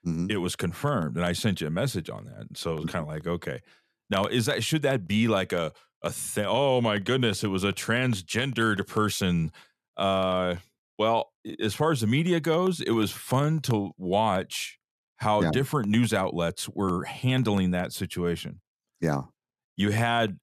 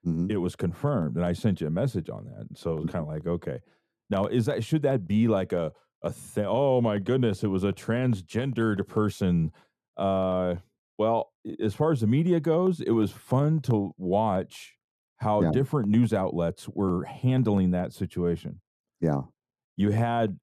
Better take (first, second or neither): first